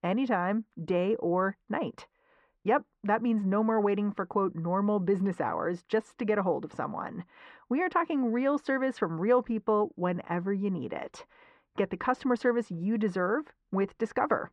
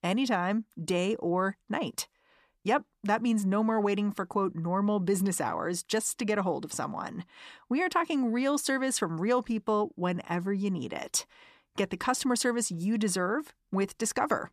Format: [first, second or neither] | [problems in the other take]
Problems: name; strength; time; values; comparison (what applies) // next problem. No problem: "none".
second | muffled; very; fading above 1.5 kHz